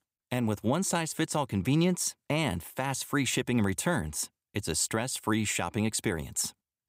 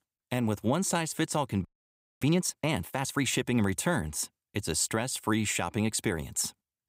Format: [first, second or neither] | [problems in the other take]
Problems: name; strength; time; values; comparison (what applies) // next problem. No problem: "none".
first | audio freezing; at 1.5 s for 0.5 s